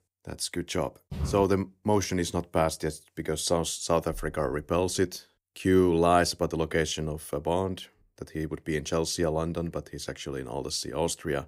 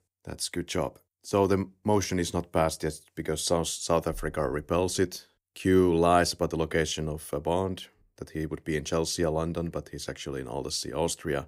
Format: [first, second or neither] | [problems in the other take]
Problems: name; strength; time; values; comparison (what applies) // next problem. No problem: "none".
second | footsteps; noticeable; at 1 s; peak 6 dB below the speech